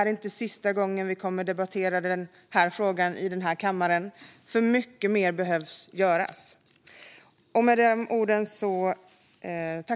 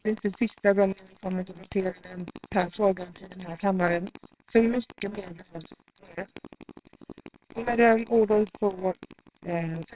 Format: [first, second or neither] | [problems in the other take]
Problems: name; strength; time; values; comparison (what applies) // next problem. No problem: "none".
first | noise reduction (neural separator model SepFormer WHAMR!)